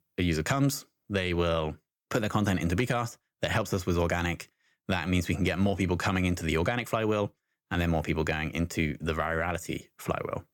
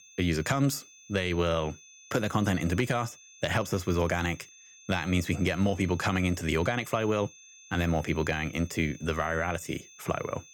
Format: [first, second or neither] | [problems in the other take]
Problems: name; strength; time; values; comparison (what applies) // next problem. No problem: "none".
first | high-pitched whine; faint; throughout; 6.5 kHz, 20 dB below the speech